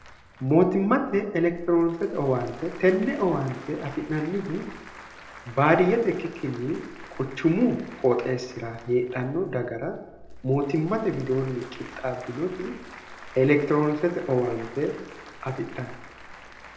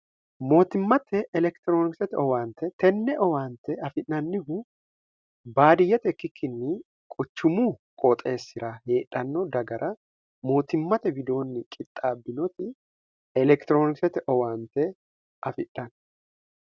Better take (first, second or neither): second